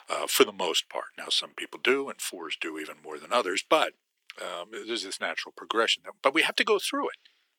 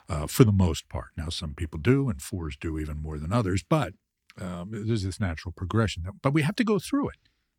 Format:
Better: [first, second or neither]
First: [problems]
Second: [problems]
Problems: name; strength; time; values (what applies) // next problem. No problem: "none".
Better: second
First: thin; very; fading below 400 Hz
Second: none